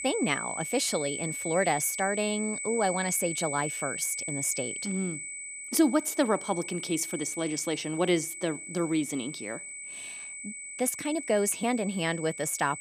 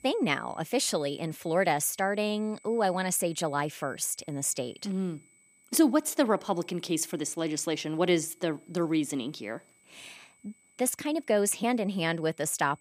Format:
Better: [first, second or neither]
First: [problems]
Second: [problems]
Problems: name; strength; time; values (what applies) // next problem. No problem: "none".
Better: second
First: high-pitched whine; loud; throughout; 8 kHz, 6 dB below the speech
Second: high-pitched whine; faint; throughout; 8 kHz, 30 dB below the speech